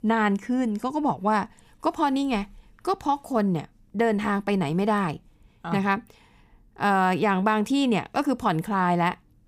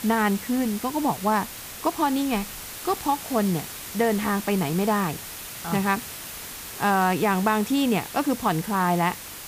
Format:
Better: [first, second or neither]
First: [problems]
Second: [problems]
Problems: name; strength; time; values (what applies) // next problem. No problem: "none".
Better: first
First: none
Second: hiss; noticeable; throughout; 10 dB below the speech